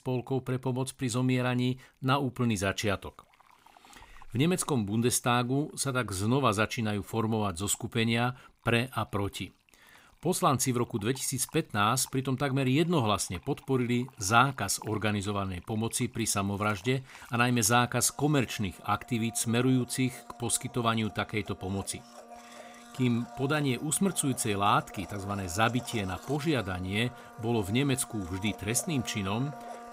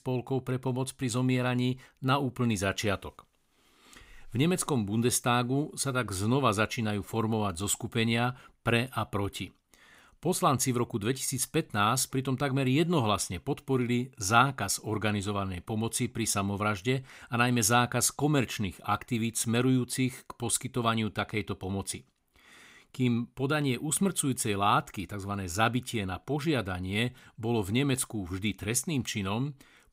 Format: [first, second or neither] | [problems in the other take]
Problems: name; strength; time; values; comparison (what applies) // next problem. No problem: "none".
second | household noises; faint; throughout; 20 dB below the speech